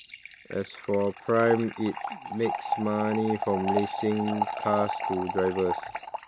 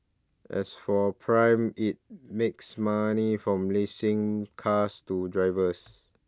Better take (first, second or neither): second